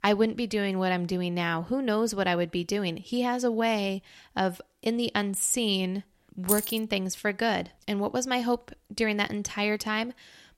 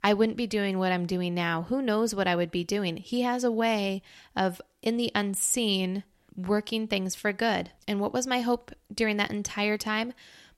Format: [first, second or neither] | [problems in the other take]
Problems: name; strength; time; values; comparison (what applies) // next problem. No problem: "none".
second | jangling keys; loud; at 6.5 s; peak level with the speech